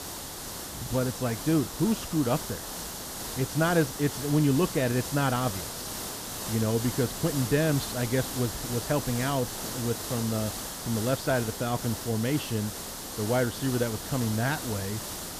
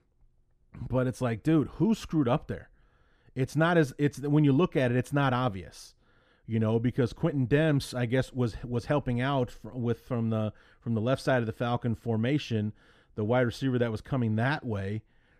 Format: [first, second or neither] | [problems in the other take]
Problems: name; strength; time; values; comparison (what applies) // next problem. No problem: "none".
second | hiss; loud; throughout; 6 dB below the speech